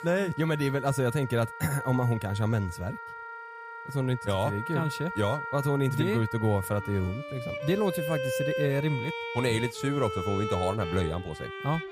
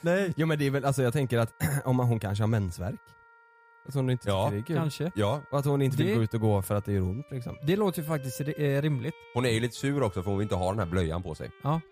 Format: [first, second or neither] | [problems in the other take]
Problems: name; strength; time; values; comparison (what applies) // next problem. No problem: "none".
second | background music; loud; throughout; 7 dB below the speech; faint in the second